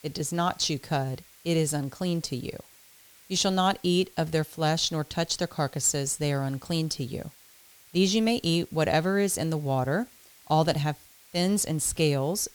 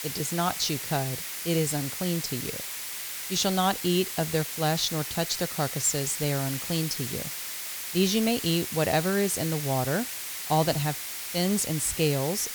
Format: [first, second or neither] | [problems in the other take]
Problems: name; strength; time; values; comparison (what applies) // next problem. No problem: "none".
first | hiss; loud; throughout; 5 dB below the speech; faint in the first